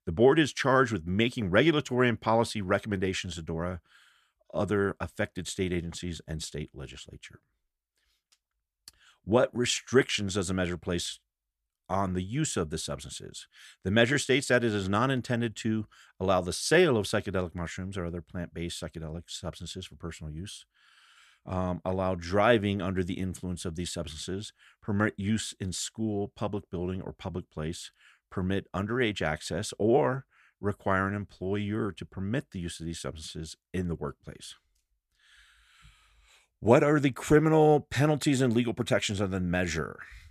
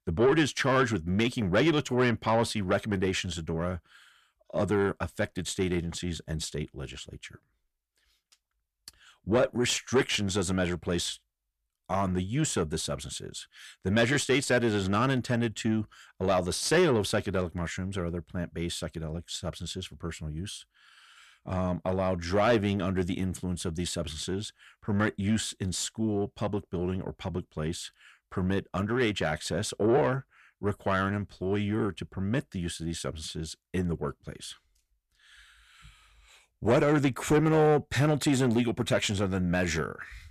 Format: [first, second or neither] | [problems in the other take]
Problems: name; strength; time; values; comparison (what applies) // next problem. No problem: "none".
first | distortion; slight; 10 dB below the speech